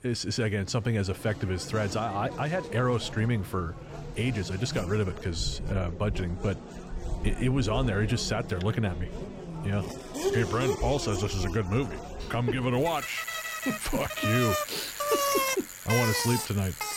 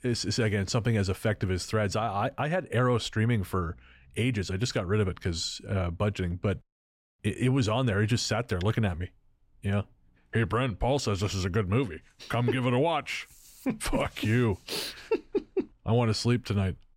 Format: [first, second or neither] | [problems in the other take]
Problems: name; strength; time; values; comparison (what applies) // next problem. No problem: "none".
second | traffic noise; loud; throughout; 4 dB below the speech